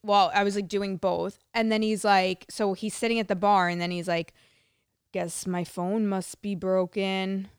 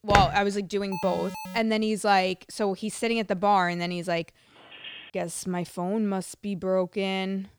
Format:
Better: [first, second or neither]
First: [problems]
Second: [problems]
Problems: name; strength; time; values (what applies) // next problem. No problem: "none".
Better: first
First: none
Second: footsteps; loud; at the start; peak 1 dB above the speech // alarm; noticeable; at 1 s; peak 9 dB below the speech // phone ringing; faint; at 4.5 s; peak 15 dB below the speech